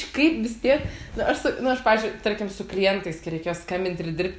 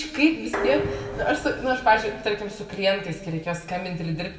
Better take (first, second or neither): first